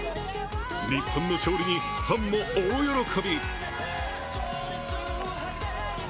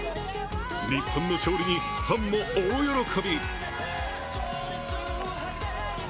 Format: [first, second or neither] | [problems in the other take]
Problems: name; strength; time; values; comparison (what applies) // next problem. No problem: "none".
first | background sound (Bowed string instrument); 19 dB below the speech